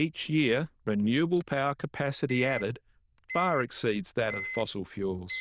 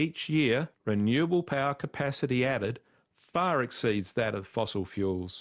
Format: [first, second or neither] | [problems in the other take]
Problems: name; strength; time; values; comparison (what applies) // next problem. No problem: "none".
second | noise reduction (neural diffusion model UNIVERSE++)